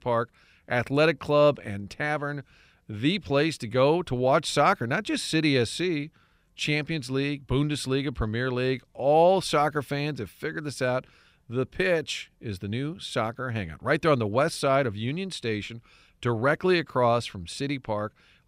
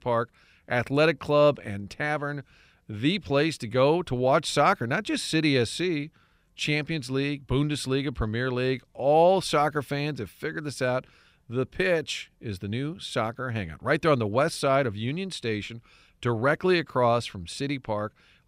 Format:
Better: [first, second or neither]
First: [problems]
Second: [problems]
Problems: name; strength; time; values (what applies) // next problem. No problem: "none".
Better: neither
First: none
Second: none